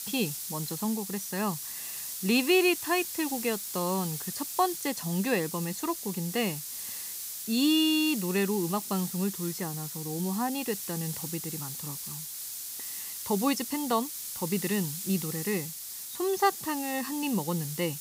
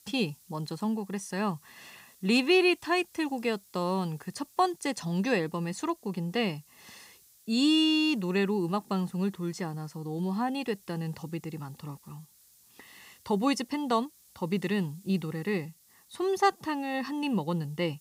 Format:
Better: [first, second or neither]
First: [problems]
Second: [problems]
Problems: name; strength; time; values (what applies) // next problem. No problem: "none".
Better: second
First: hiss; loud; throughout; 5 dB below the speech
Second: hiss; faint; throughout; 25 dB below the speech